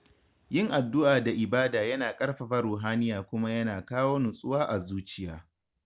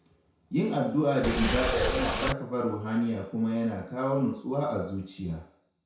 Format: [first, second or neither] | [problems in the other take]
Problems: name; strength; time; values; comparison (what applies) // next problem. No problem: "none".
first | background sound (Boat, Water vehicle); as loud as the speech // room echo; dies away in 0.6 s